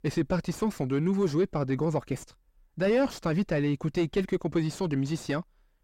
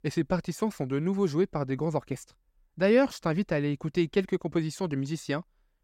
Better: second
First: distortion; slight; 9 dB below the speech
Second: none

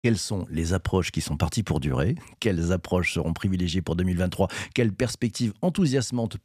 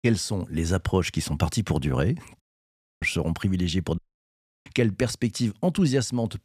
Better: first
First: none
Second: audio cutting out; at 2.5 s for 0.5 s and at 4 s for 0.5 s

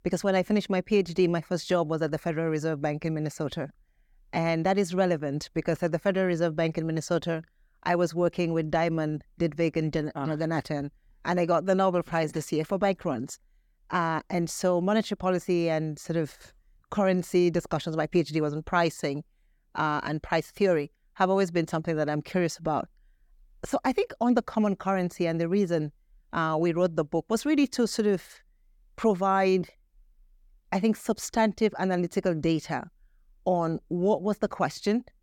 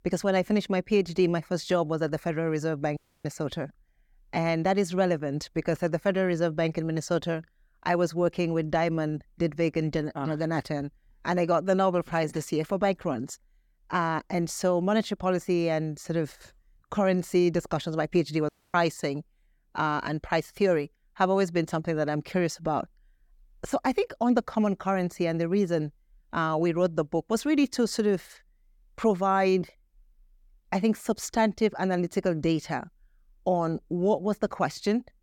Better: first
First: none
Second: audio cutting out; at 3 s and at 18 s

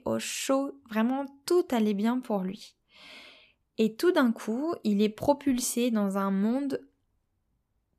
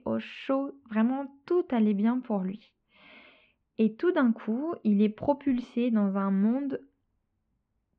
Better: first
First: none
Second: muffled; very; fading above 3 kHz

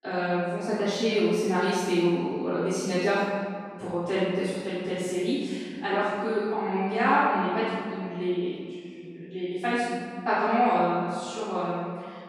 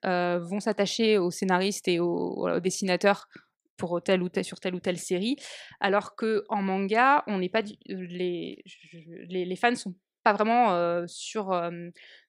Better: second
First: off-mic speech; far // room echo; strong; dies away in 1.8 s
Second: none

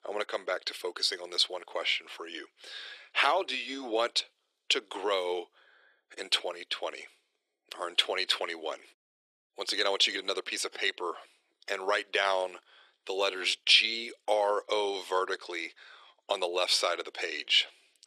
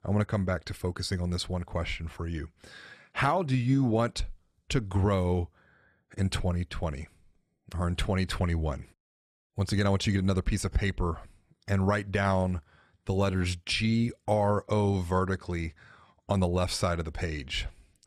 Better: second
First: thin; very; fading below 350 Hz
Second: none

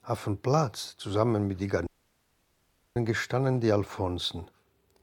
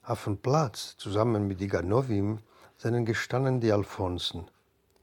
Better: second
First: audio cutting out; at 2 s for 1 s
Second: none

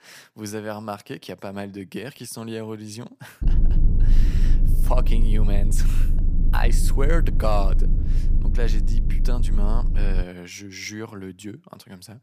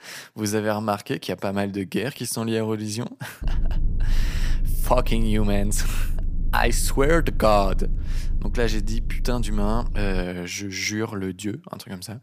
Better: second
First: low rumble; loud; from 3.5 to 10 s; 8 dB below the speech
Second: low rumble; faint; from 3.5 to 10 s; 20 dB below the speech

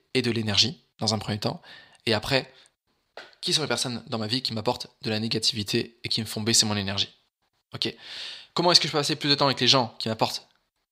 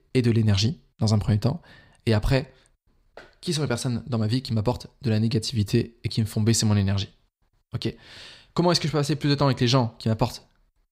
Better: second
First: thin; somewhat; fading below 900 Hz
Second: none

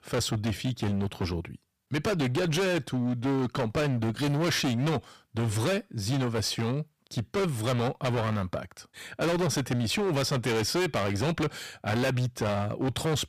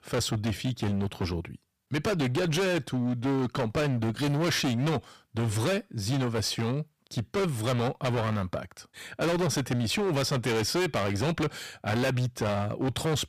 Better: neither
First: distortion; heavy; 27% of the sound clipped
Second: distortion; heavy; 27% of the sound clipped

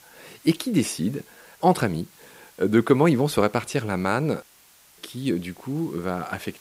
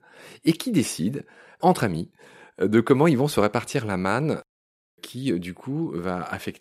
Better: second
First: hiss; faint; throughout; 25 dB below the speech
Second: none

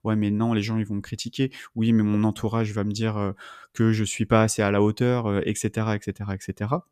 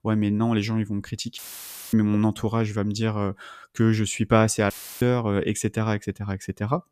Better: first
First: none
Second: audio cutting out; filled with static; at 1.5 s for 0.5 s and at 4.5 s

